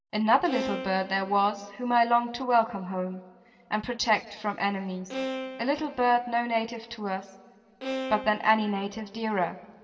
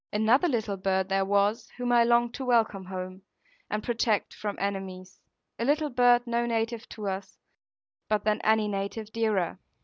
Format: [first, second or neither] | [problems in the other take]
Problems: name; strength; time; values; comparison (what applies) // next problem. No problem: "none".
second | background sound (Bowed string instrument); 10 dB below the speech // room echo; dies away in 2.7 s